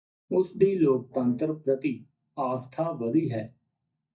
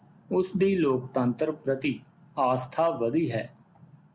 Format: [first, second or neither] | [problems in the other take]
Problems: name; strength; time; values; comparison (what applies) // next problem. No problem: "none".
second | noise reduction (neural mask model DeepFilterNet 3)